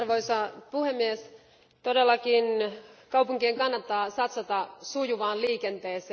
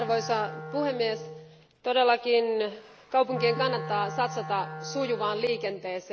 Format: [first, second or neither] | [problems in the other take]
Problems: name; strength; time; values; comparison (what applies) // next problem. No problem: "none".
first | background sound (Wind instrument, woodwind instrument); 11 dB below the speech